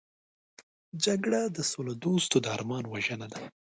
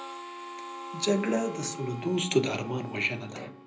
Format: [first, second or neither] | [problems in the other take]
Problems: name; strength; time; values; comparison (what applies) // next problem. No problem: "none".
first | background sound (Harmonica); 11 dB below the speech // room echo; dies away in 0.5 s